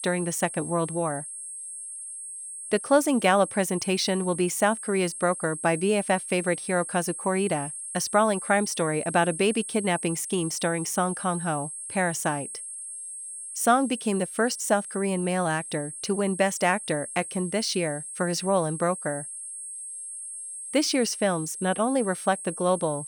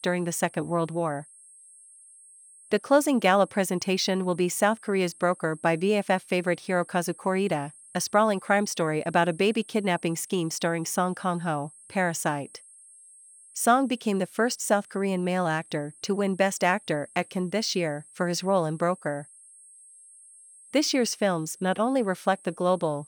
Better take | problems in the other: second | high-pitched whine; loud; throughout; 8.5 kHz, 8 dB below the speech; faint in the second

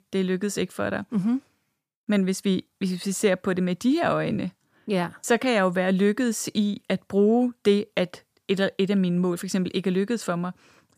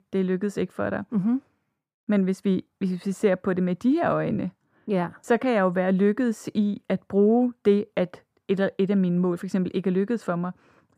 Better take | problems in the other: first | muffled; slightly; fading above 2.5 kHz

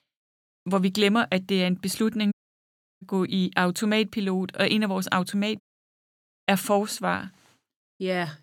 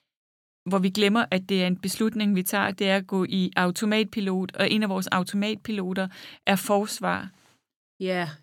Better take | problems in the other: second | audio cutting out; at 2.5 s for 0.5 s and at 5.5 s for 1 s

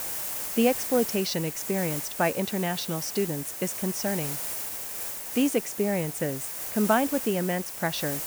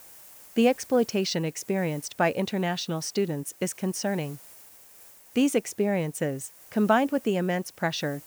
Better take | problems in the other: second | hiss; loud; throughout; 4 dB below the speech; faint in the second

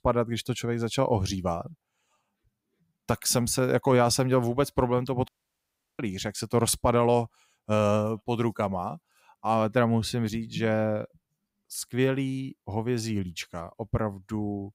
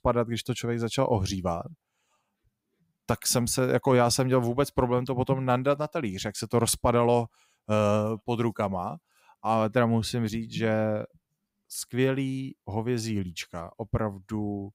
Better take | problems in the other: second | audio cutting out; at 5.5 s for 0.5 s

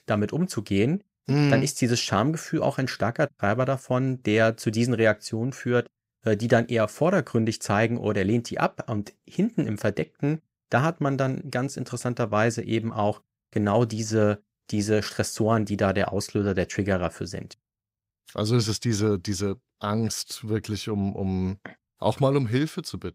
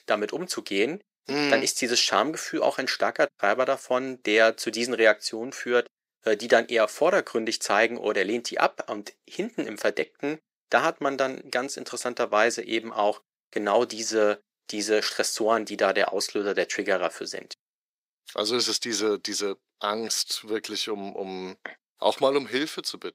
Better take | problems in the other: first | thin; somewhat; fading below 350 Hz

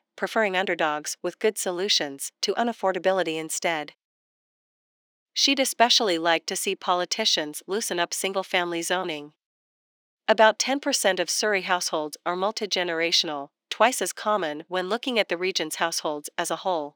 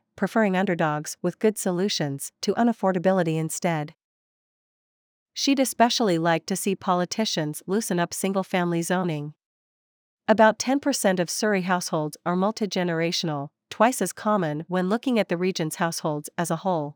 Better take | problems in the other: second | thin; somewhat; fading below 300 Hz

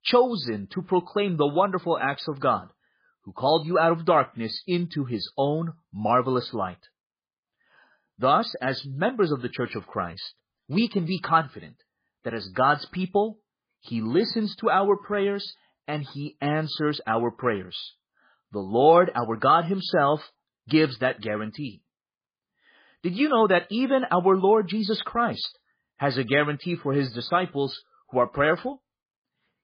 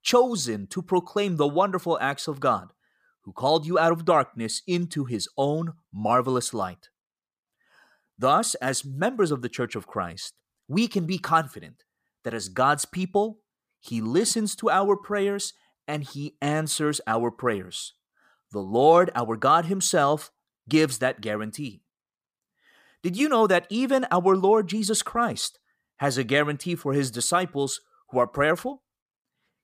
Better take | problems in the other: second | garbled, watery; badly; nothing above 4.5 kHz

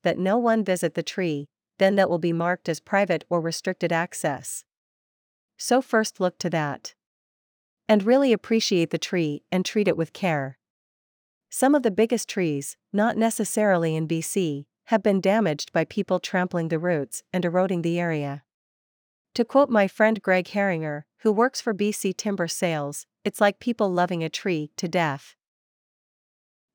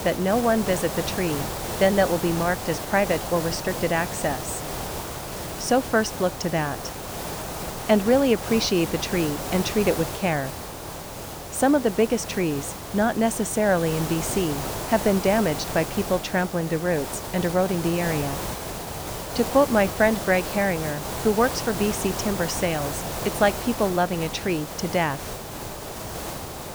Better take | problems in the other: first | hiss; loud; throughout; 7 dB below the speech

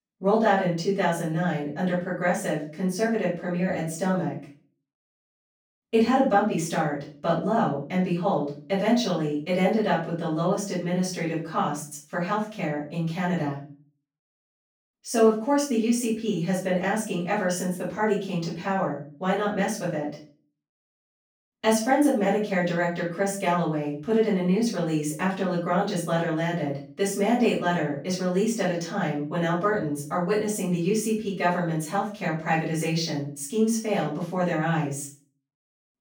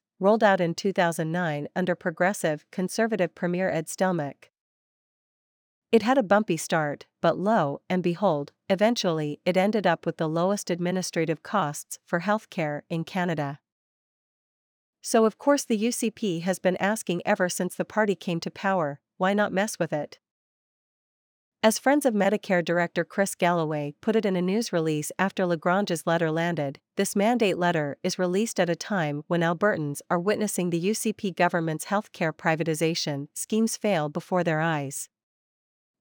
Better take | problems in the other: second | off-mic speech; far // room echo; noticeable; dies away in 0.4 s

